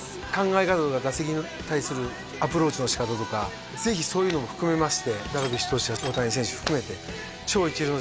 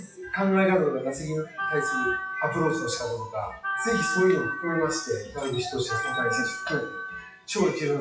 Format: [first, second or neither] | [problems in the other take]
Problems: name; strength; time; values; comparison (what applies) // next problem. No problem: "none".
first | noise reduction (classical method WPE with log-MMSE)